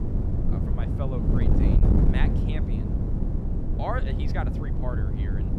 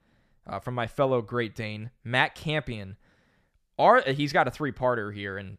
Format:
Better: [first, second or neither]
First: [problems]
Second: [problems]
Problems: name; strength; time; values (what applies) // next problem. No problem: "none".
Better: second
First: wind noise on the microphone; heavy; as loud as the speech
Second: none